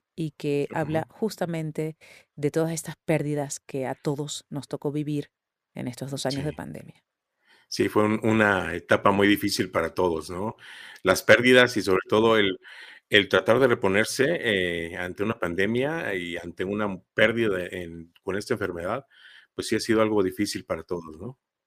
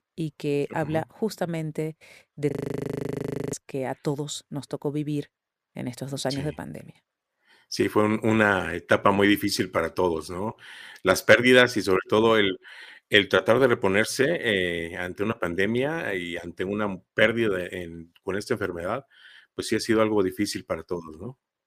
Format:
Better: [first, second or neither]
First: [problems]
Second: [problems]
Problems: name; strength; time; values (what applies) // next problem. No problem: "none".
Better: first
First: none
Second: audio freezing; at 2.5 s for 1 s